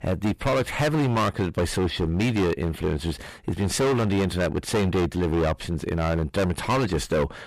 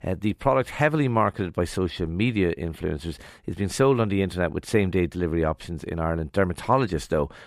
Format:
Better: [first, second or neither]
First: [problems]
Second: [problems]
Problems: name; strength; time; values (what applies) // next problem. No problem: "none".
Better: second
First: distortion; heavy; 20% of the sound clipped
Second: none